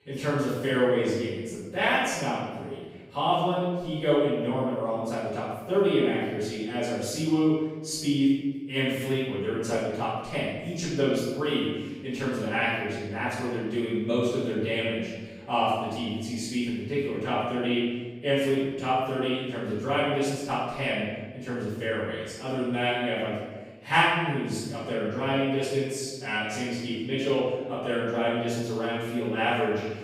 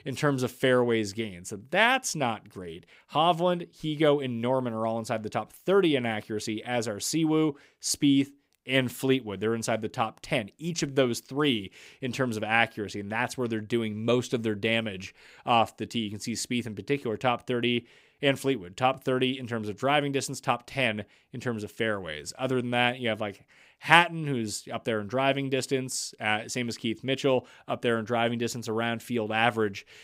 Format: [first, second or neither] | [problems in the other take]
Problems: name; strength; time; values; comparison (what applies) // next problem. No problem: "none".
second | off-mic speech; far // room echo; strong; dies away in 1.2 s